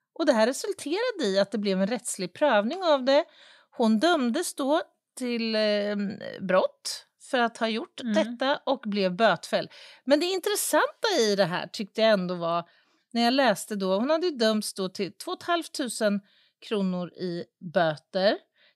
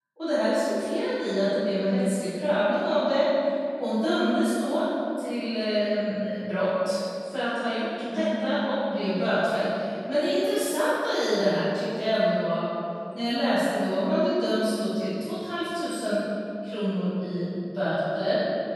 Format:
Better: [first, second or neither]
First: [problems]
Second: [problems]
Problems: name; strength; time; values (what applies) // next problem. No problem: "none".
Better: first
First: none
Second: off-mic speech; far // room echo; strong; dies away in 2.5 s